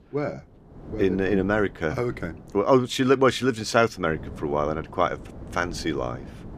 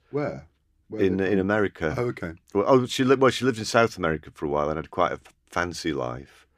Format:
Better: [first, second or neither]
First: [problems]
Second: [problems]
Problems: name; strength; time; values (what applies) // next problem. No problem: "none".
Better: second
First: wind noise on the microphone; occasional gusts; 20 dB below the speech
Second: none